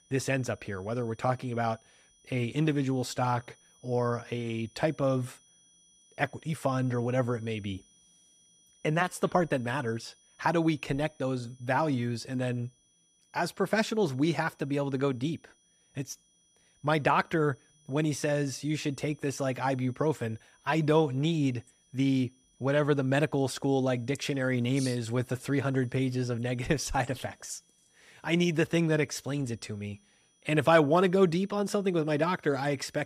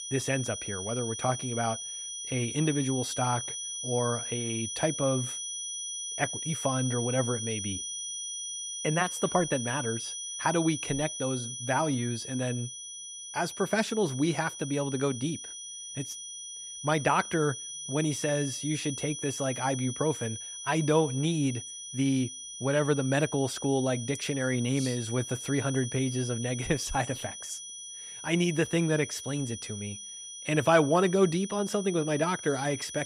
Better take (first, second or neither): first